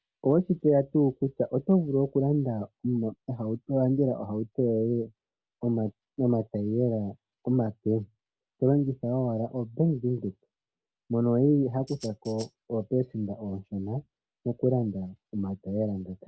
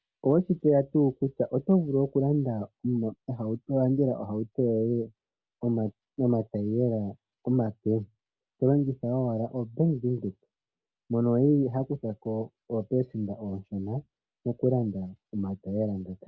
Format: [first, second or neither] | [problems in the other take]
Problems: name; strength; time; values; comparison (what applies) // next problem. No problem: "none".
second | background sound (Tambourine); 20 dB below the speech